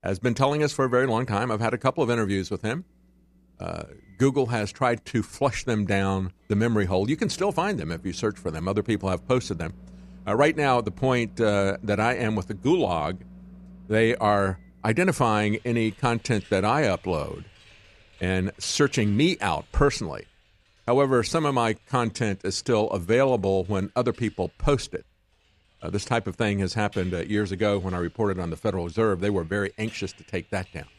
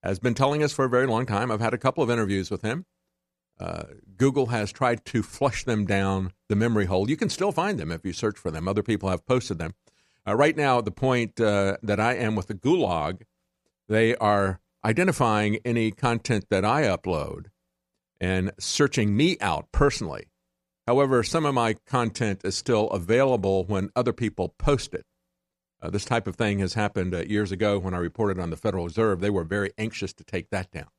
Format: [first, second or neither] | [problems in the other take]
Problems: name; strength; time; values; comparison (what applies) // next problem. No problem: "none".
second | household noises; faint; throughout; 25 dB below the speech